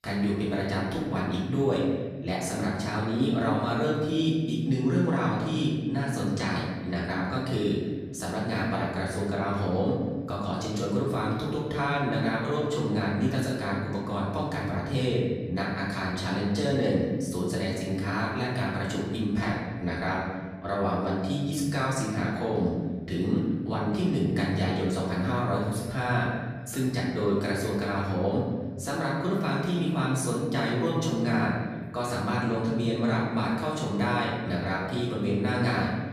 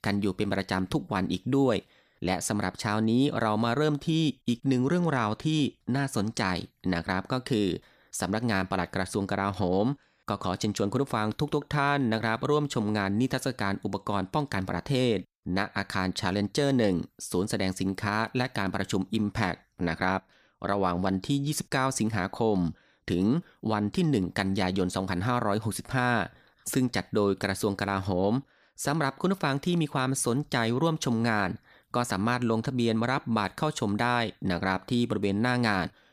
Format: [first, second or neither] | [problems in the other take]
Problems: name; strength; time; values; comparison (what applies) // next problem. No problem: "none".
second | off-mic speech; far // room echo; noticeable; dies away in 1.6 s